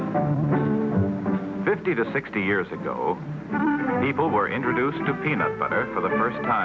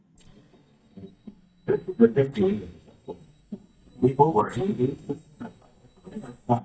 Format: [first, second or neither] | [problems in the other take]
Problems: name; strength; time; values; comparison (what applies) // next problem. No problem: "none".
first | noise reduction (neural mask model DeepFilterNet 3)